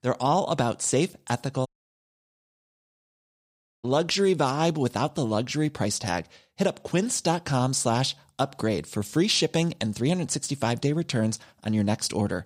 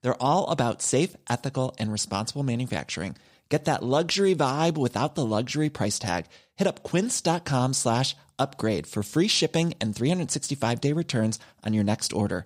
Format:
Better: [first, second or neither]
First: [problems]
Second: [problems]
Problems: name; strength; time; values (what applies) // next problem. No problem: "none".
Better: second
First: audio cutting out; at 1.5 s for 2 s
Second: none